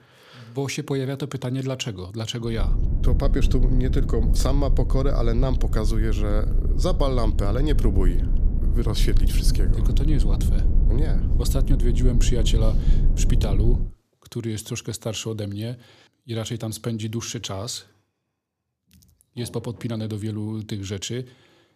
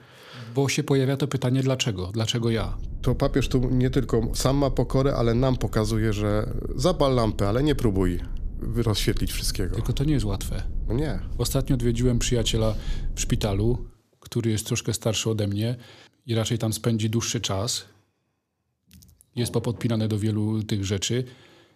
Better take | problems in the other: second | low rumble; loud; from 2.5 to 14 s; 8 dB below the speech; faint in the second

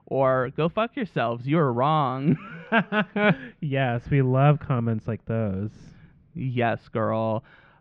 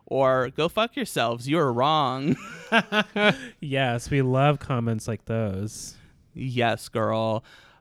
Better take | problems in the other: second | muffled; very; fading above 2.5 kHz

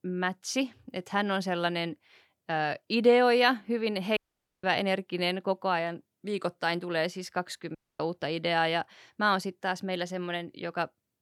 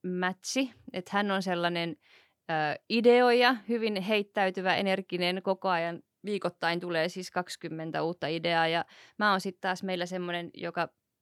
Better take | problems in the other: second | audio cutting out; at 4 s and at 8 s

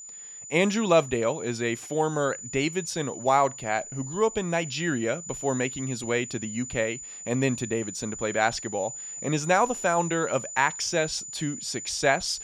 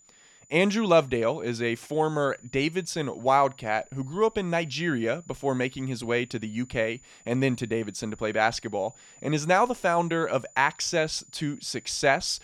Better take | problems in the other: second | high-pitched whine; loud; throughout; 7 kHz, 10 dB below the speech; faint in the second

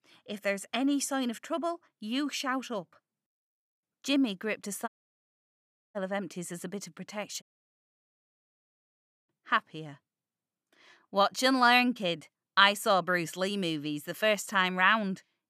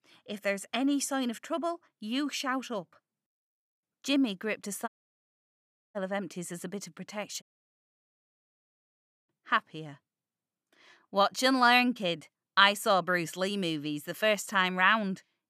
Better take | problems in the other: neither | audio cutting out; at 5 s for 1 s and at 7.5 s for 2 s; the same in both

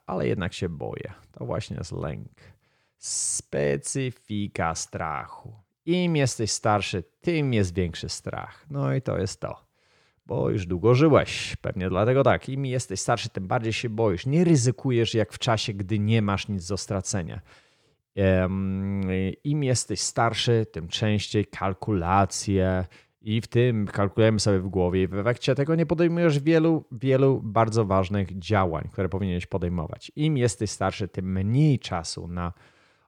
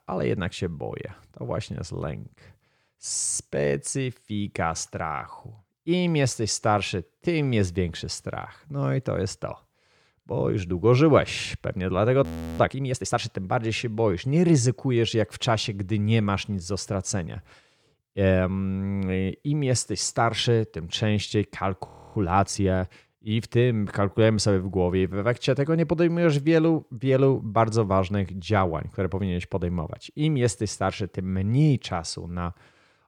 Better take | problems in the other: first | audio freezing; at 12 s and at 22 s

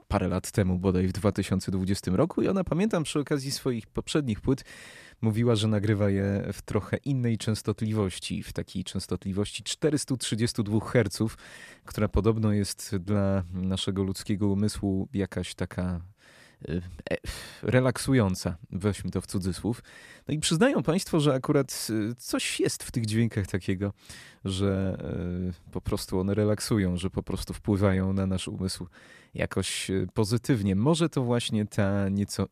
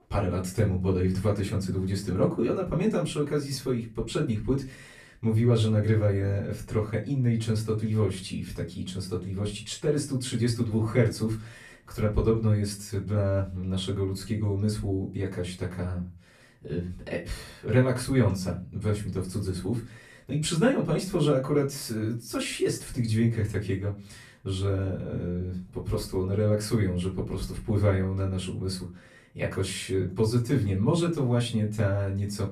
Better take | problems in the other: first | off-mic speech; far // room echo; very slight; dies away in 0.3 s

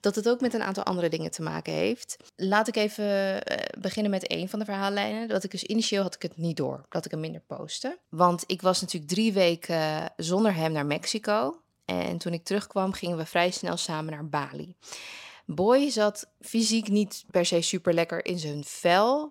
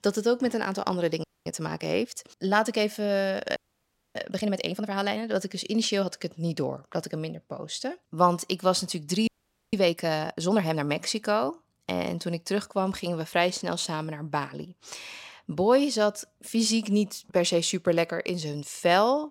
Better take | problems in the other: first | audio freezing; at 1 s, at 3.5 s for 0.5 s and at 9.5 s

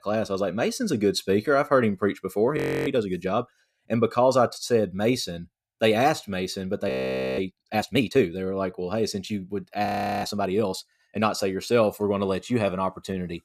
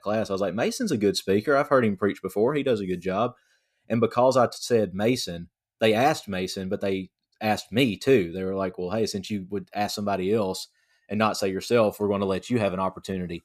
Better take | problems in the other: second | audio freezing; at 2.5 s, at 7 s and at 10 s

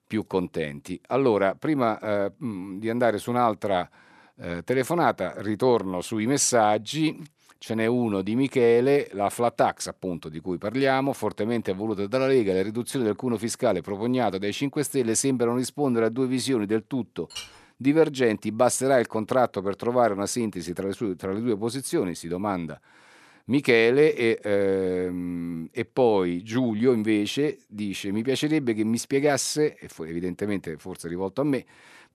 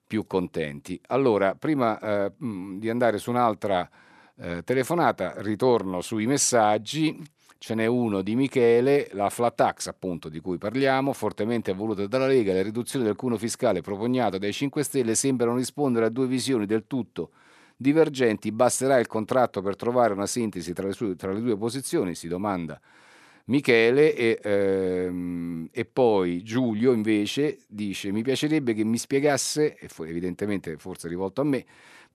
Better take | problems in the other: second | clattering dishes; faint; at 17 s; peak 15 dB below the speech

